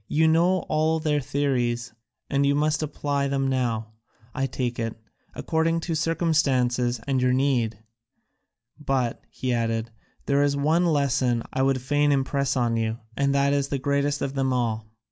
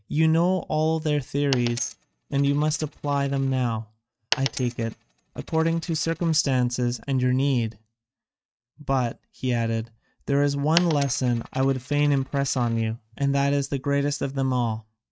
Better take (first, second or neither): first